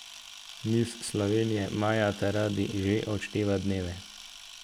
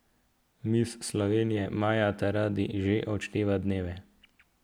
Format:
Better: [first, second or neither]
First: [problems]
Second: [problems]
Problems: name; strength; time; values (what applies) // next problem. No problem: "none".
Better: second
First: background sound (Camera); 16 dB below the speech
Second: none